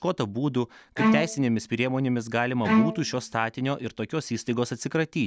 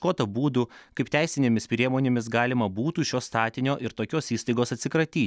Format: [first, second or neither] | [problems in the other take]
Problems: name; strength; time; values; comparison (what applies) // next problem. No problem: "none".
second | background sound (Bowed string instrument); 1 dB below the speech